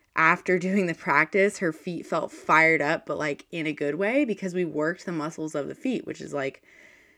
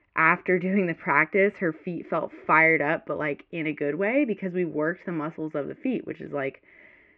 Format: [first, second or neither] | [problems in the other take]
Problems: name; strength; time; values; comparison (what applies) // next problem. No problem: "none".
first | muffled; very; fading above 2.5 kHz